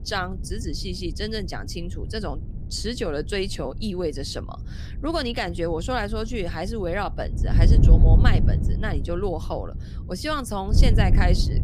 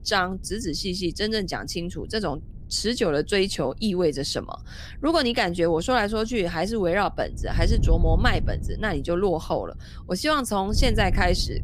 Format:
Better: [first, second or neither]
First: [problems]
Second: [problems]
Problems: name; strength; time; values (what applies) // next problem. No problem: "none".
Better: second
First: wind noise on the microphone; heavy; 9 dB below the speech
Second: wind noise on the microphone; occasional gusts; 20 dB below the speech